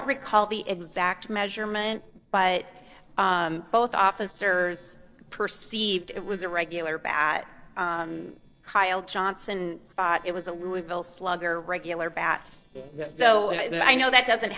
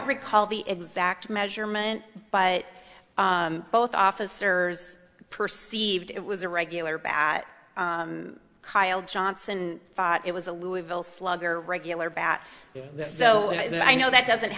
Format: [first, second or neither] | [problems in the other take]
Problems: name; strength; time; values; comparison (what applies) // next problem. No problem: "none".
second | noise reduction (neural separator model SepFormer DNS4)